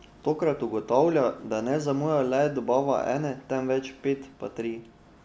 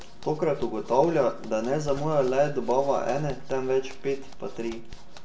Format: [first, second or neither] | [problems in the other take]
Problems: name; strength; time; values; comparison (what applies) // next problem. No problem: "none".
first | background sound (Zipper (clothing)); 8 dB below the speech // room echo; dies away in 0.2 s